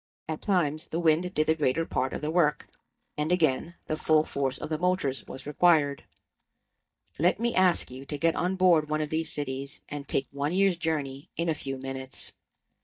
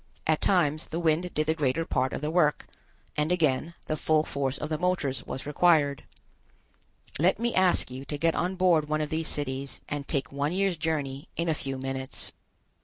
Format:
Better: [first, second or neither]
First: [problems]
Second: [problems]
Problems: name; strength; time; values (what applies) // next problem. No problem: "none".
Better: second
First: noise reduction (neural mask model DeepFilterNet 3)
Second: none